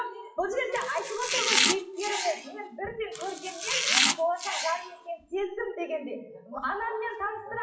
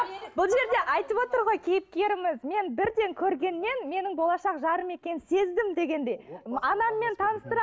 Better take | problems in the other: second | noise reduction (classical method WPE with log-MMSE)

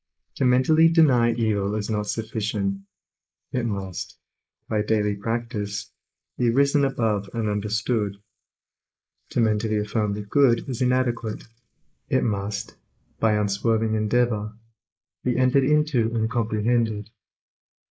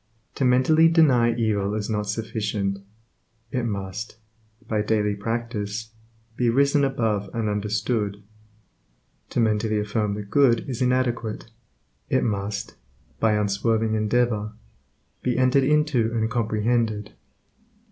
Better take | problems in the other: second | noise reduction (neural mask model Resemble Enhance denoiser)

